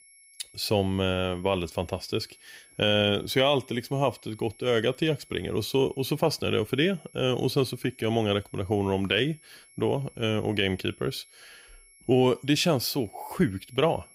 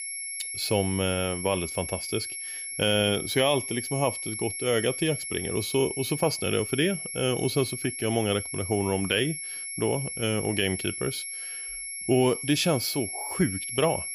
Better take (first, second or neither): first